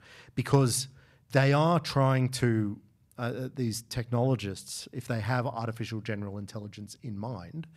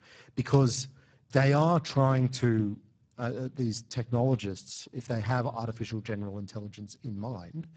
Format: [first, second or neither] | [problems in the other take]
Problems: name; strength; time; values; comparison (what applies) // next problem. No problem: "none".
first | garbled, watery; badly; nothing above 8 kHz